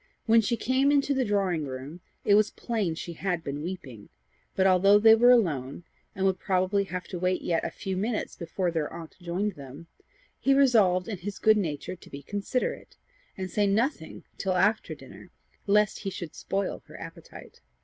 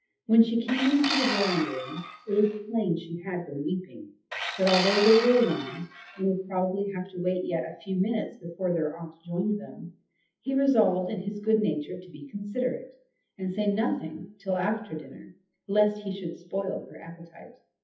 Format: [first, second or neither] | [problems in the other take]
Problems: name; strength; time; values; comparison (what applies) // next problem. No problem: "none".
first | noise reduction (classical method WPE with log-MMSE)